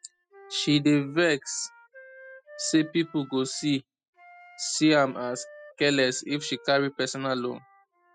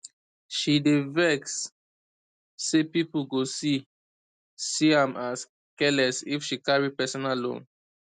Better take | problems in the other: second | noise reduction (classical method spectral subtraction)

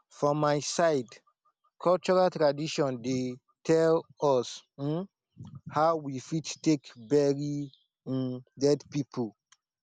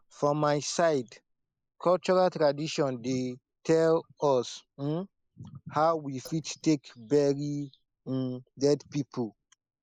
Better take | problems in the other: first | noise reduction (neural mask model Resemble Enhance denoiser)

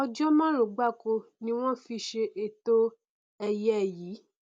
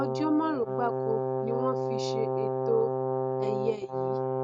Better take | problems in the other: first | noise reduction (neural mask model RNNoise)

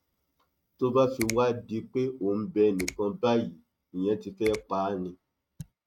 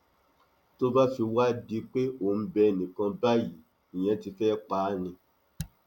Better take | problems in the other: second | noise reduction (neural mask model RNNoise)

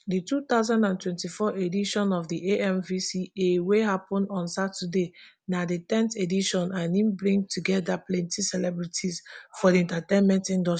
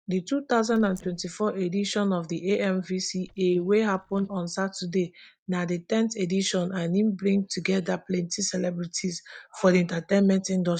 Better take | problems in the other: first | noise reduction (neural mask model DeepFilterNet 3)

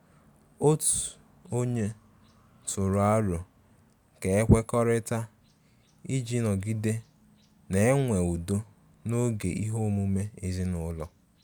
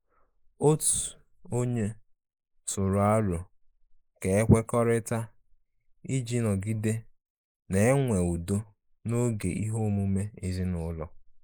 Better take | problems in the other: first | noise reduction (neural mask model Resemble Enhance denoiser)

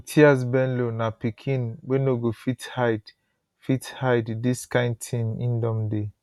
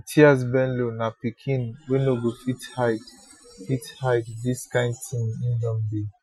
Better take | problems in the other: first | noise reduction (classical method Wiener filter)

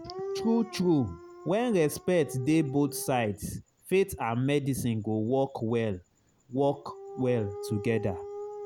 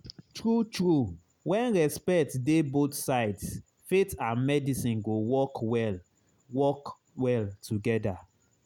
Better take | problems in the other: second | background sound (Dog); 14 dB below the speech

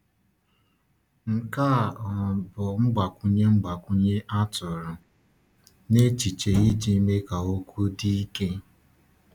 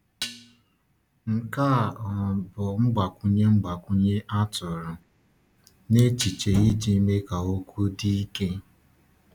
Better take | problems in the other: first | background sound (Dishes, pots, and pans); 13 dB below the speech

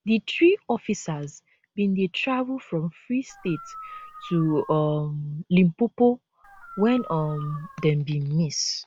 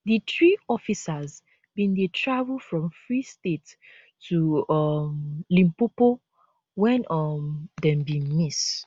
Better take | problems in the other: second | background sound (Dog); 17 dB below the speech

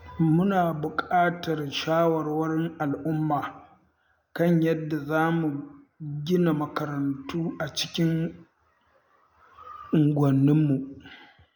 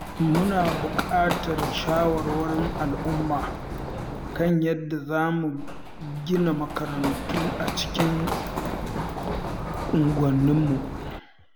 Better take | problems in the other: first | background sound (Run); 5 dB below the speech

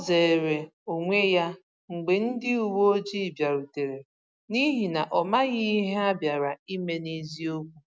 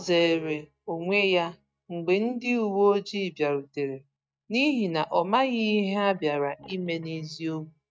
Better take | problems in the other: first | noise reduction (neural mask model DeepFilterNet 3)

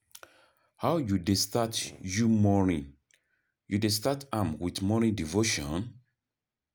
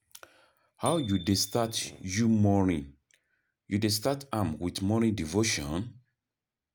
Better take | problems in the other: first | background sound (Bicycle bell); 19 dB below the speech

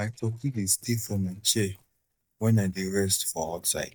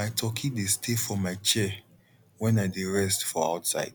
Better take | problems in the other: second | noise reduction (neural mask model DeepFilterNet 3)

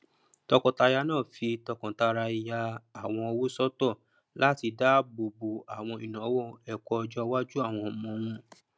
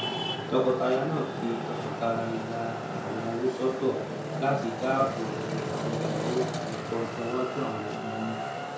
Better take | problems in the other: first | background sound (Traffic noise, roadway noise); 2 dB below the speech // room echo; dies away in 0.6 s

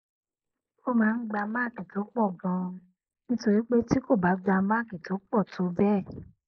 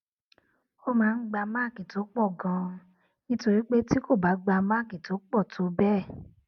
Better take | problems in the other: second | noise reduction (neural mask model Resemble Enhance denoiser)

